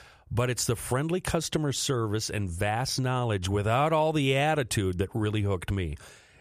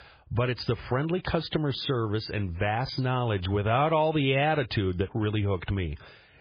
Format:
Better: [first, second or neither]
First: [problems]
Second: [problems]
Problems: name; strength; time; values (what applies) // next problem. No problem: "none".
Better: first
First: none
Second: garbled, watery; badly